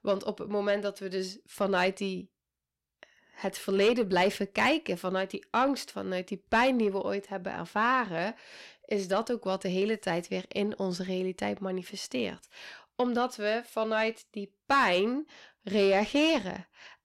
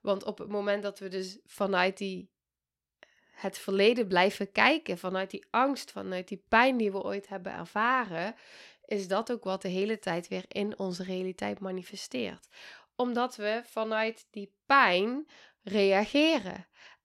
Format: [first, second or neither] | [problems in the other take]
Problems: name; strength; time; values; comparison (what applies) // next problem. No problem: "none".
second | distortion; slight; 10 dB below the speech